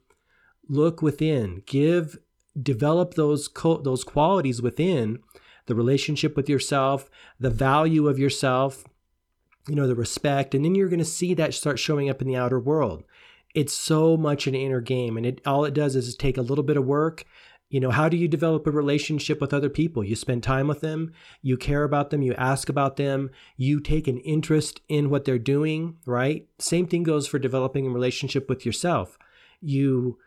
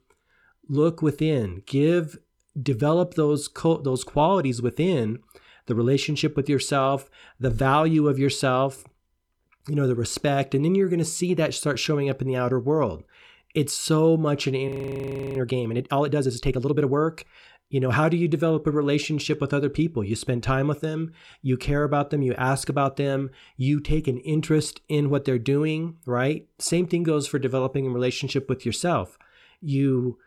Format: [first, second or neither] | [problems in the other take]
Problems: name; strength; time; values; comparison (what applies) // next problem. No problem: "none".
first | audio freezing; at 15 s for 0.5 s